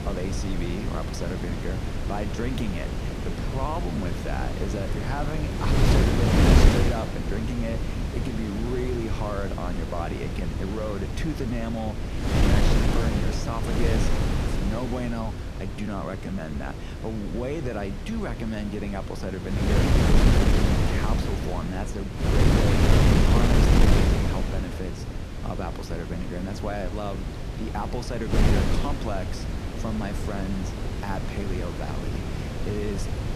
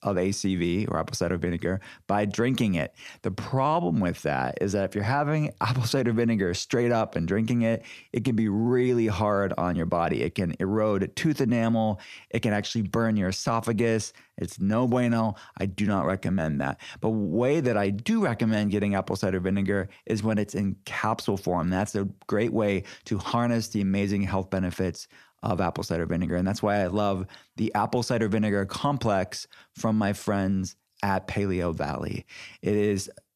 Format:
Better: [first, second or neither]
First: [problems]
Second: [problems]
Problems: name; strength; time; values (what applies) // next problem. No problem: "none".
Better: second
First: wind noise on the microphone; heavy; 2 dB above the speech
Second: none